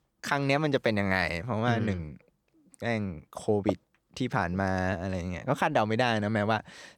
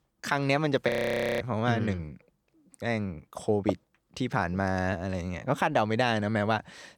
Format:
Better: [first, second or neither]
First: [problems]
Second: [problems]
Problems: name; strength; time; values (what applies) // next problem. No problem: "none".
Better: first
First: none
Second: audio freezing; at 1 s for 0.5 s